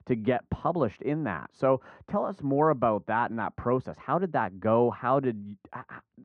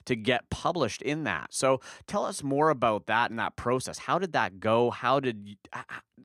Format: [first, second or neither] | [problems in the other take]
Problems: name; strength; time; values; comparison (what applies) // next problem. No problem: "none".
second | muffled; very; fading above 1 kHz